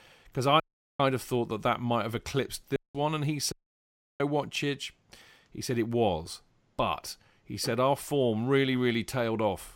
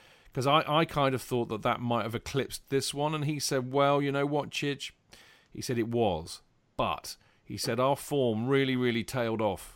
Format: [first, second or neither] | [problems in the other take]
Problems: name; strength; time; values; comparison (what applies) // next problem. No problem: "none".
second | audio cutting out; at 0.5 s, at 3 s and at 3.5 s for 0.5 s